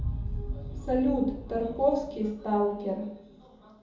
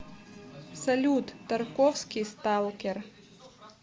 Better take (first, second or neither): second